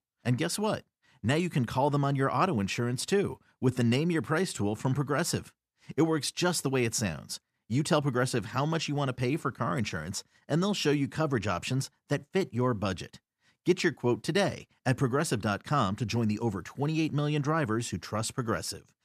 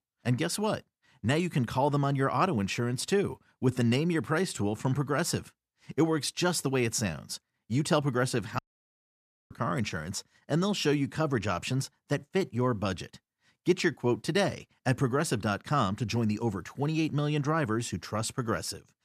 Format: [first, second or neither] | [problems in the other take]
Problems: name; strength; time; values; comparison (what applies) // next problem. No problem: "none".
first | audio cutting out; at 8.5 s for 1 s